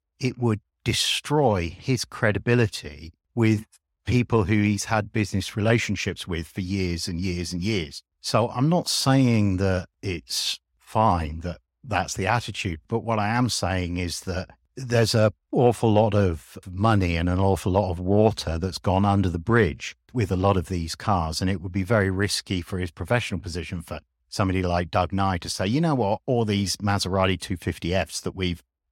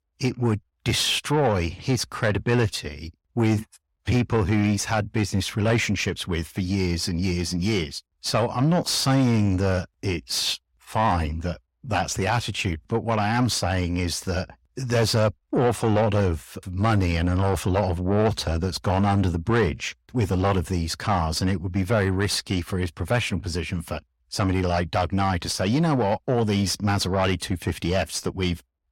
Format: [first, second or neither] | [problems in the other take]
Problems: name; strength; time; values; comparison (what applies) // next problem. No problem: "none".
first | distortion; slight; 10 dB below the speech